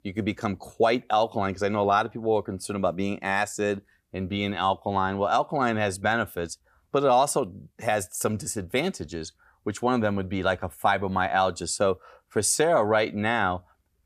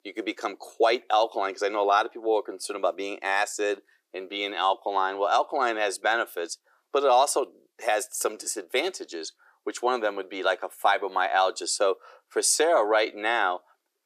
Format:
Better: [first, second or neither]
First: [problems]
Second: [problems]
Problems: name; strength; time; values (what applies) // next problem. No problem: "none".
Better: first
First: none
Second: thin; very; fading below 350 Hz